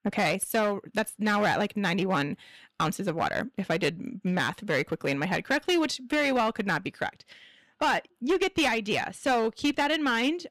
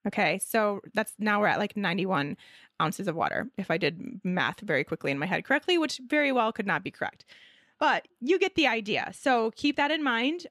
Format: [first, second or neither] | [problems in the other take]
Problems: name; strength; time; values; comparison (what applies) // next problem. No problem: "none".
second | distortion; slight; 7% of the sound clipped